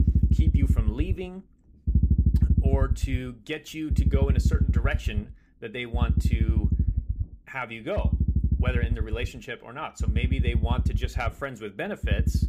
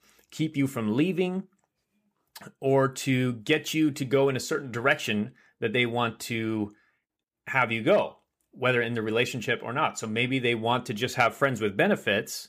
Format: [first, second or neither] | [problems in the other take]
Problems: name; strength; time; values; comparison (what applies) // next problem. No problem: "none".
second | low rumble; loud; throughout; 5 dB below the speech